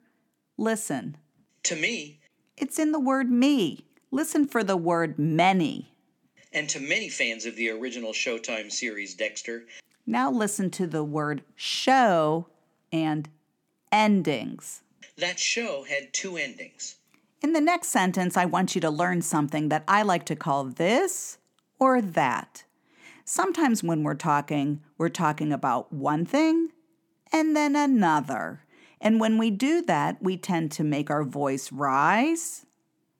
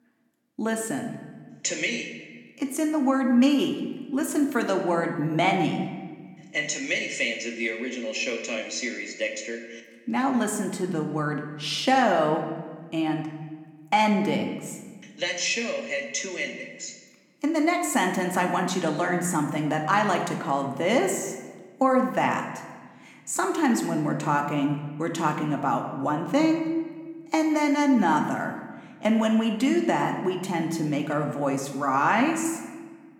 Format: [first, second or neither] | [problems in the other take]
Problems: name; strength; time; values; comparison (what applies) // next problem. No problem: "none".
first | room echo; slight; dies away in 1.1 s